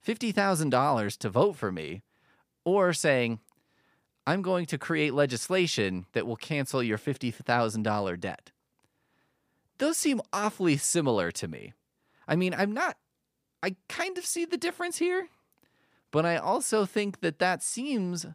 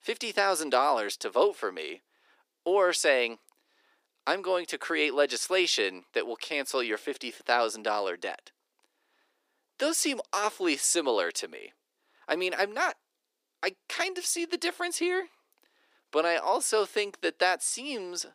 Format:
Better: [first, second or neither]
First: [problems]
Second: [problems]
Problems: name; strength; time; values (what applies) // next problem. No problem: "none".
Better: first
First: none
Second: thin; somewhat; fading below 350 Hz